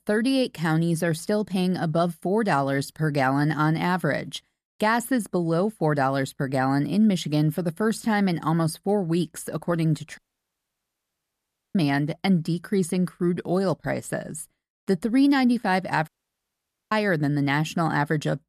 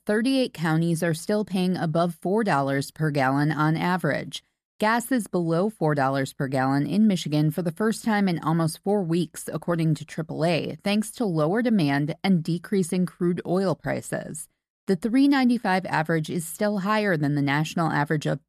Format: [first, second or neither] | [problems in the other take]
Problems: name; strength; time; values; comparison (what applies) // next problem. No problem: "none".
second | audio cutting out; at 10 s for 1.5 s and at 16 s for 1 s